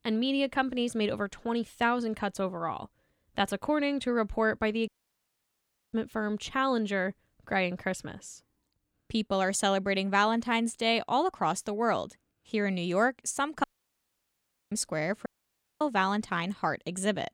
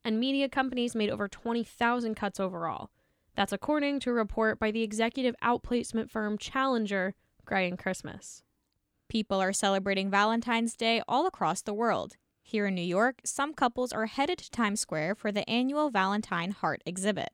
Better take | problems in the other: second | audio cutting out; at 5 s for 1 s, at 14 s for 1 s and at 15 s for 0.5 s

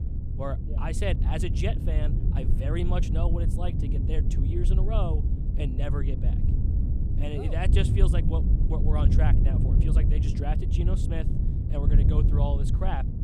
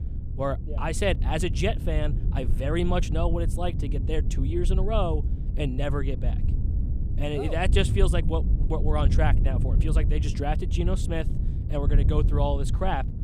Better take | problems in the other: second | wind noise on the microphone; heavy; 3 dB below the speech; occasional gusts in the second

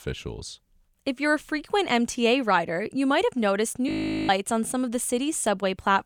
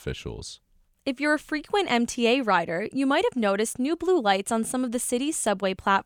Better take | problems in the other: second | audio freezing; at 4 s

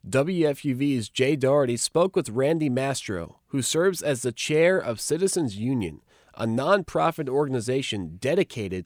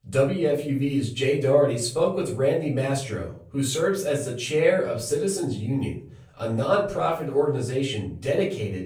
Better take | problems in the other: first | room echo; slight; dies away in 0.4 s // off-mic speech; far

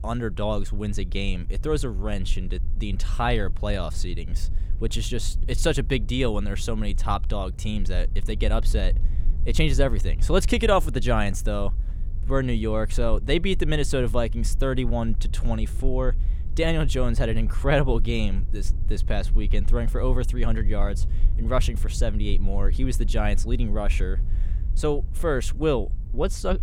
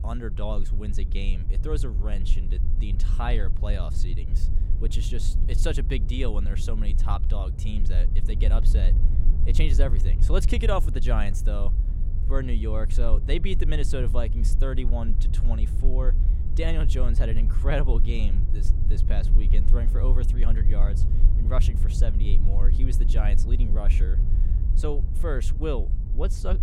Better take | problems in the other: first | low rumble; loud; throughout; 10 dB below the speech; faint in the first

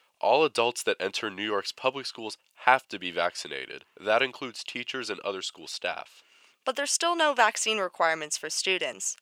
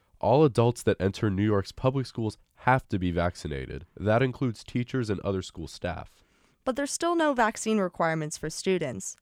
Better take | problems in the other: second | thin; very; fading below 600 Hz

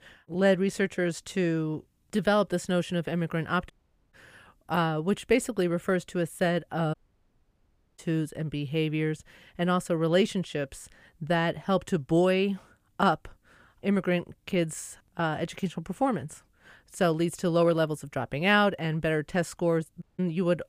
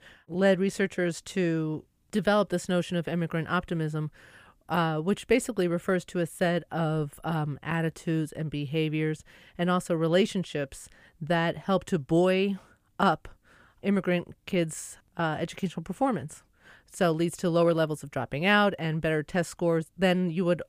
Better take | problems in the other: second | audio cutting out; at 3.5 s, at 7 s for 1 s and at 20 s

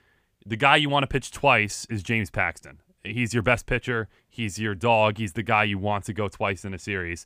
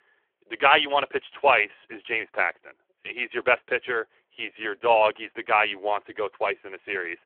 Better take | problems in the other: first | phone-call audio

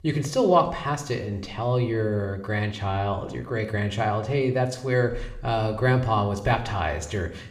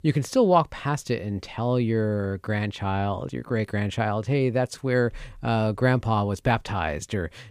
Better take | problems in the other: second | room echo; very slight; dies away in 0.6 s

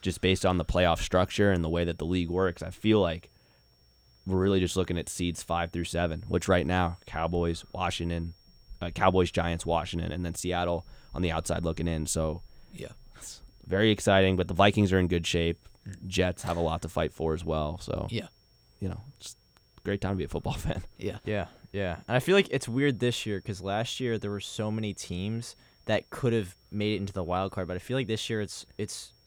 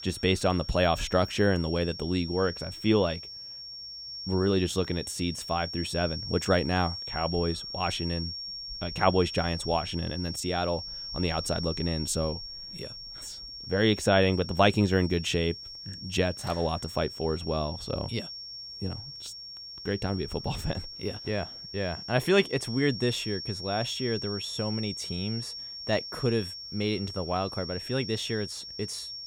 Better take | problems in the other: first | high-pitched whine; loud; throughout; 5.5 kHz, 8 dB below the speech; faint in the first

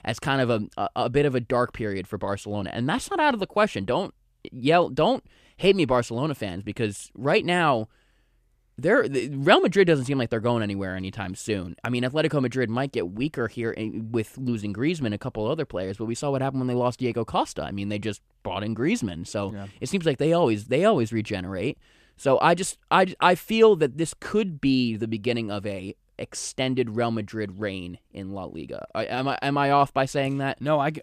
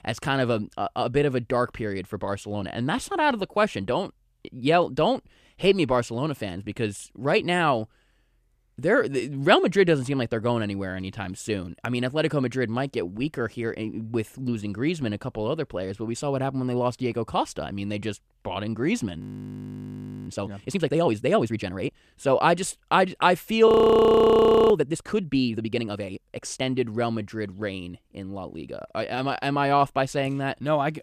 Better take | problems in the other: first | audio freezing; at 19 s for 1 s and at 24 s for 1 s

